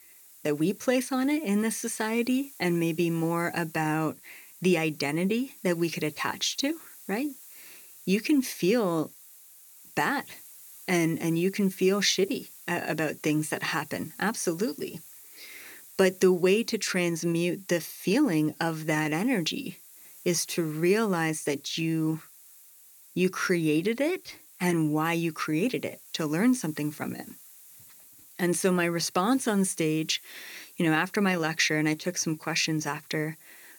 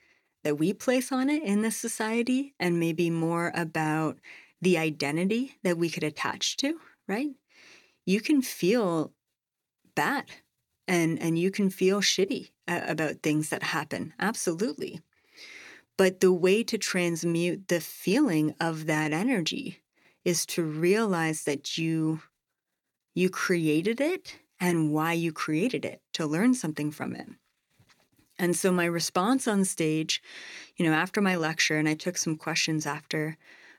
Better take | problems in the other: second | hiss; noticeable; throughout; 20 dB below the speech

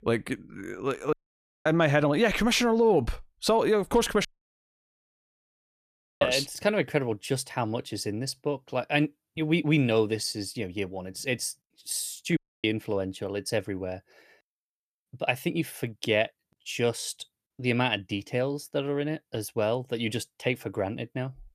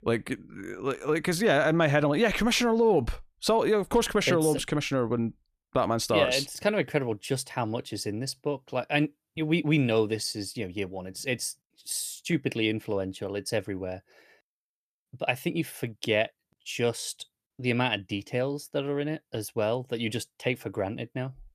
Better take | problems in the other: second | audio cutting out; at 1 s for 0.5 s, at 4.5 s for 2 s and at 12 s

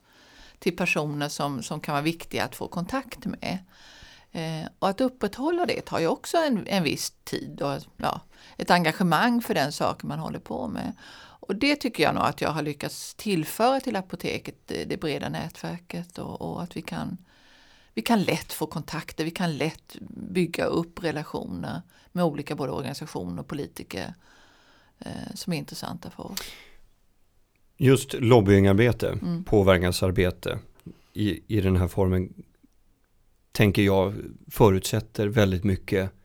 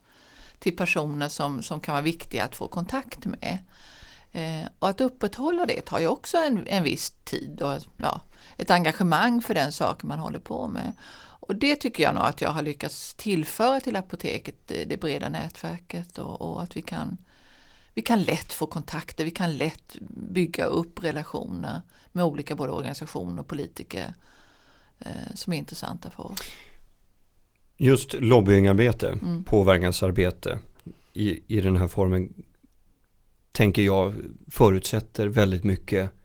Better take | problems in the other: first | garbled, watery; slightly; nothing above 19 kHz

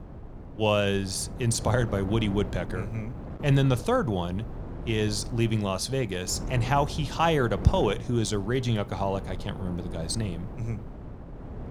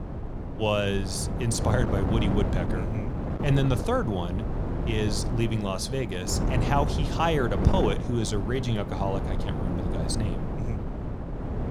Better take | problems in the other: first | wind noise on the microphone; heavy; 6 dB below the speech; occasional gusts in the first

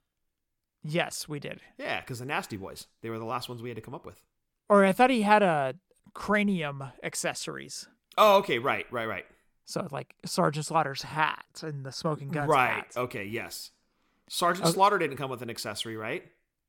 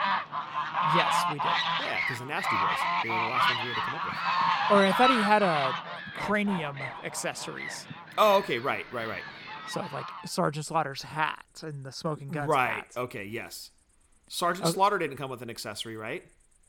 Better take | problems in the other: first | animal sounds; very loud; throughout; 1 dB above the speech

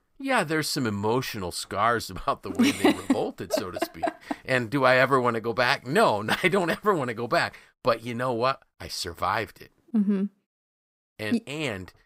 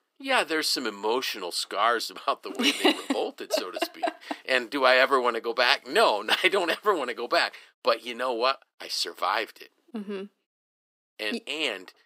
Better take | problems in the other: first | thin; somewhat; fading below 300 Hz

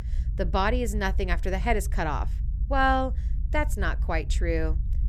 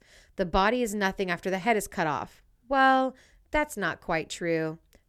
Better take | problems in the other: second | low rumble; faint; throughout; 20 dB below the speech

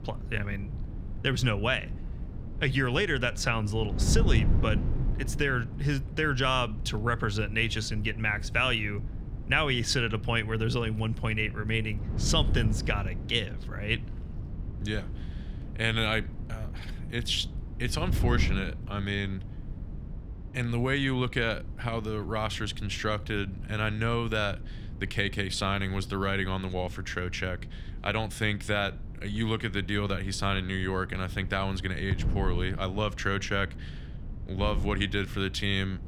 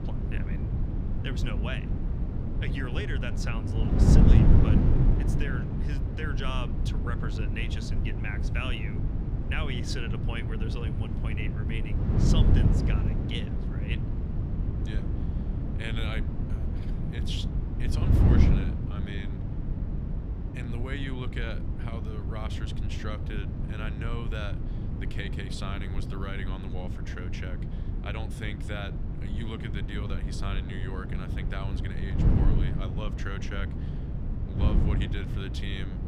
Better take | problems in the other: first | wind noise on the microphone; heavy; 1 dB below the speech; occasional gusts in the first

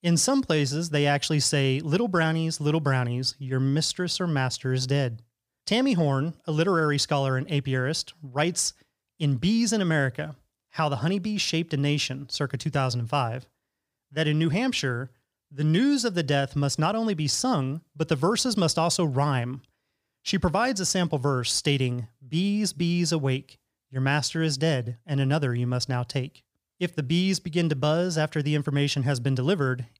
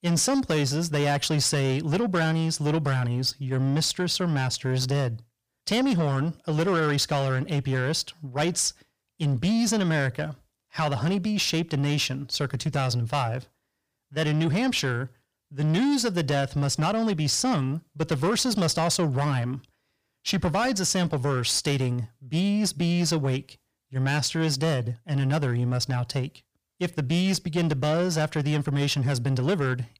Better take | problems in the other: first | distortion; slight; 10 dB below the speech

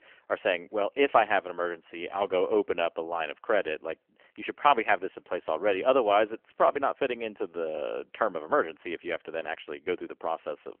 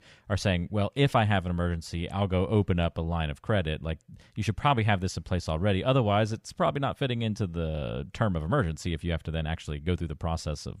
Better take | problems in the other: second | phone-call audio; nothing above 3 kHz

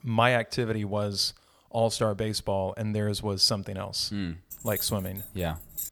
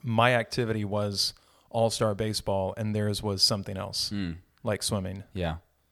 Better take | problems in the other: second | jangling keys; noticeable; from 4.5 s on; peak 5 dB below the speech

